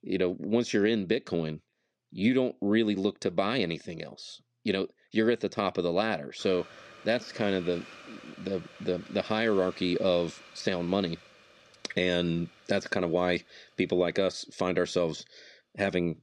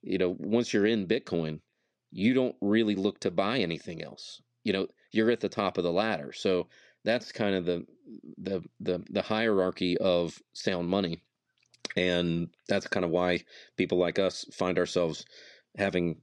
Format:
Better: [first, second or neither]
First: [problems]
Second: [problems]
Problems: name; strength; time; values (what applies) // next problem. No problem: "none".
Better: second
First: hiss; faint; from 6.5 s on; 20 dB below the speech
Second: none